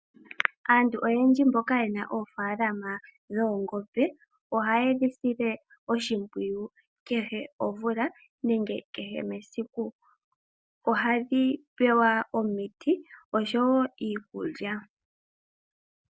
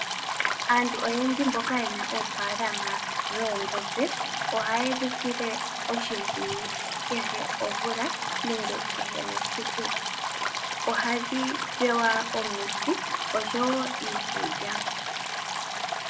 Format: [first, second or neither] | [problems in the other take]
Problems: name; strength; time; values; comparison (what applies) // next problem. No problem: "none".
first | background sound (Stream); as loud as the speech // room echo; dies away in 0.6 s